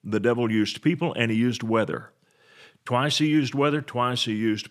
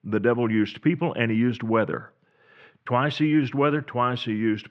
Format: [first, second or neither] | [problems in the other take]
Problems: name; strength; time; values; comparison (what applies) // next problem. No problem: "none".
first | muffled; very; fading above 2 kHz